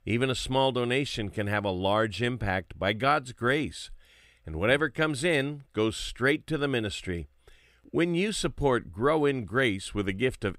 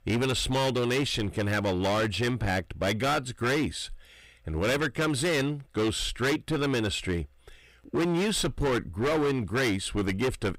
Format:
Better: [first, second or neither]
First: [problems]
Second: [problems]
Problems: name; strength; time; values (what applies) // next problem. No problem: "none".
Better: first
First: none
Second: distortion; heavy; 19% of the sound clipped